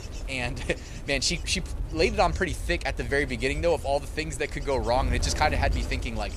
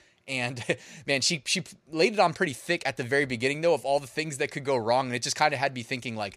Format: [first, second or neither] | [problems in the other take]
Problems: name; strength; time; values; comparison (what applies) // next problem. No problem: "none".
second | wind noise on the microphone; occasional gusts; 15 dB below the speech